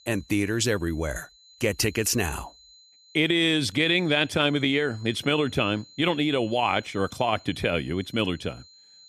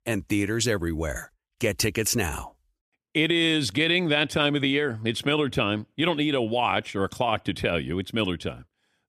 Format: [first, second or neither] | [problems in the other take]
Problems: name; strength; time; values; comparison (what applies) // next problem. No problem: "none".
second | high-pitched whine; faint; throughout; 4 kHz, 25 dB below the speech